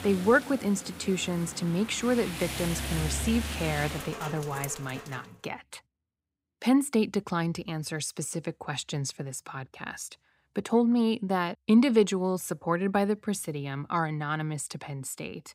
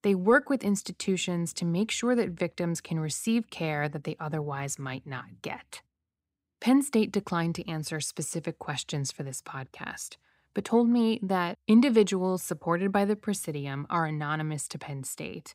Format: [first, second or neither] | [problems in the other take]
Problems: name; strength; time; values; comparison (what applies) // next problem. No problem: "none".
second | rain or running water; loud; until 5 s; 8 dB below the speech